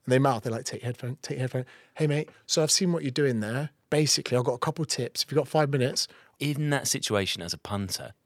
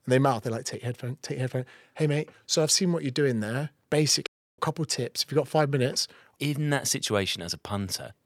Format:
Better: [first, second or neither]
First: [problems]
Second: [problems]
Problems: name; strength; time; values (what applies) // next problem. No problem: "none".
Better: first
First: none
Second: audio cutting out; at 4.5 s